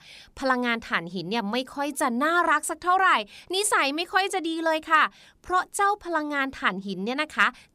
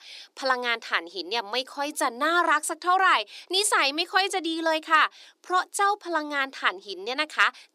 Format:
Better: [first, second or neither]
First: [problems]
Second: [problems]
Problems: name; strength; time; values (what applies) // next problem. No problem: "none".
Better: first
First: none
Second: thin; somewhat; fading below 300 Hz